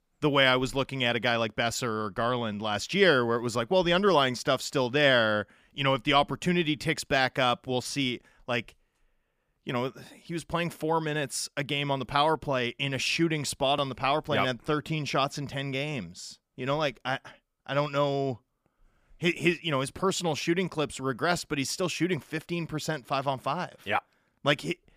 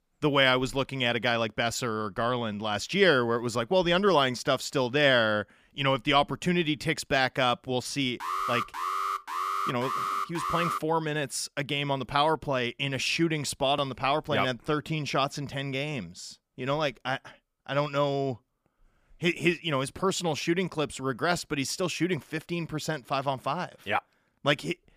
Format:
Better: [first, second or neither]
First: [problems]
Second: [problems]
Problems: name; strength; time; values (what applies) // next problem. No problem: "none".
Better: first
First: none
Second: alarm; noticeable; from 8 to 11 s; peak 2 dB below the speech